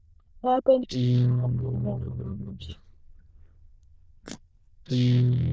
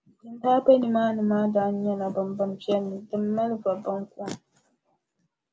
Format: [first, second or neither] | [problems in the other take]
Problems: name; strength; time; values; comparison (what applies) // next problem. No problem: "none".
second | noise reduction (neural diffusion model UNIVERSE++)